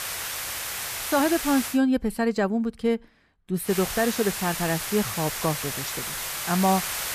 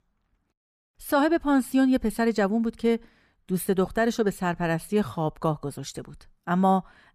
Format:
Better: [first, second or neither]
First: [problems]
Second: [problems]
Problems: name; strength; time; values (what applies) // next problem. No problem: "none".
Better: second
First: hiss; loud; until 1.5 s and from 3.5 s on; 4 dB below the speech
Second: none